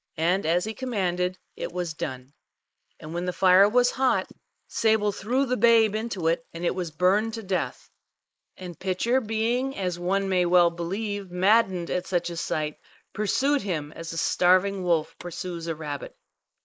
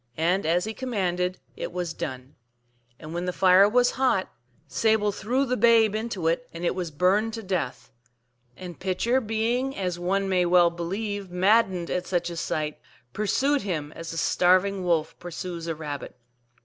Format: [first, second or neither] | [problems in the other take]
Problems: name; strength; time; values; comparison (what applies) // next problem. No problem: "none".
second | noise reduction (neural mask model Resemble Enhance denoiser)